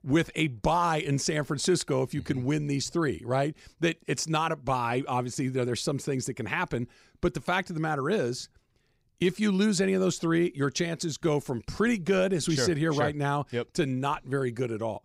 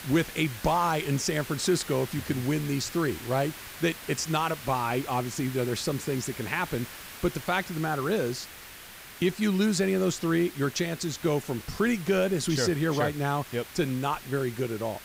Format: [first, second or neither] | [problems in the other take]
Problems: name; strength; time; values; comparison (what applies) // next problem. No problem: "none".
first | hiss; noticeable; throughout; 15 dB below the speech